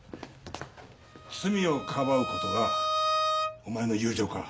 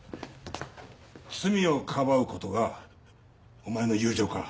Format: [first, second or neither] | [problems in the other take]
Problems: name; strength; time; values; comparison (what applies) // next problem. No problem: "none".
second | background sound (Bowed string instrument); 1 dB below the speech